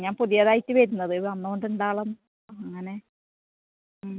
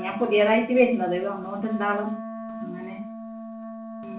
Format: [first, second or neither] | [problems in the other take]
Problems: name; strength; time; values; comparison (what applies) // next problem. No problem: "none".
first | background sound (Wind instrument, woodwind instrument); 10 dB below the speech // room echo; dies away in 0.4 s